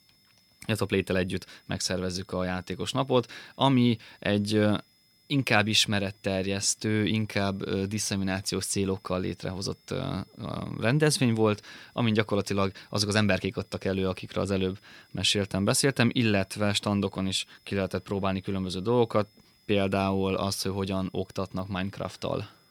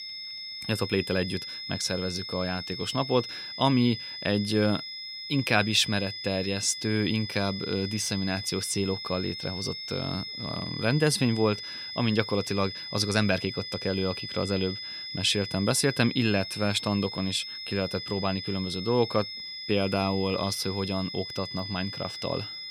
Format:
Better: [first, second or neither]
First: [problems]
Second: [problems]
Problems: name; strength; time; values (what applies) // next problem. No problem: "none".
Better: first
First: high-pitched whine; faint; throughout; 5 kHz, 35 dB below the speech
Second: high-pitched whine; loud; throughout; 5 kHz, 7 dB below the speech